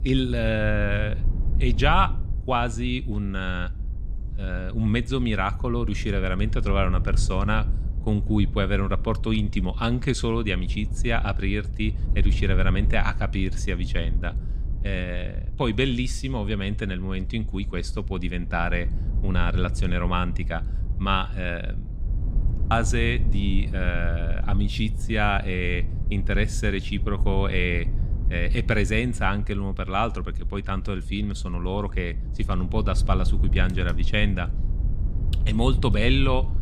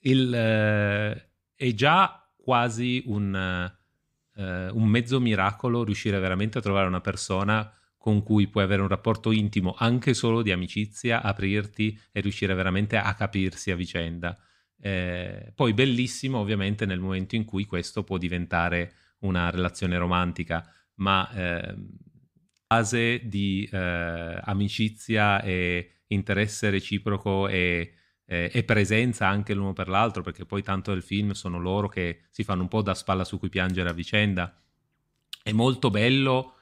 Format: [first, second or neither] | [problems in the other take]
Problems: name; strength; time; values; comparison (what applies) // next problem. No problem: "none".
second | low rumble; noticeable; throughout; 15 dB below the speech